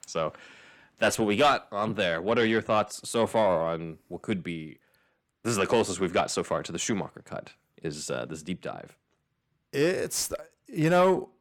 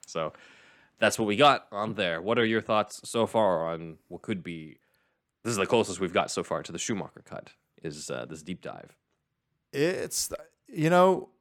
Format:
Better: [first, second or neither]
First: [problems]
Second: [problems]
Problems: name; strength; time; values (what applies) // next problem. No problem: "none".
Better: second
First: distortion; slight; 10 dB below the speech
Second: none